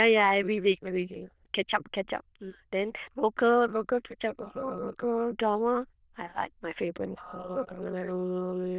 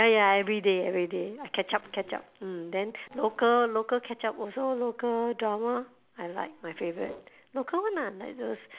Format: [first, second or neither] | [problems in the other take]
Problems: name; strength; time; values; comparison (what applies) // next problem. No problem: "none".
second | noise reduction (neural diffusion model UNIVERSE++)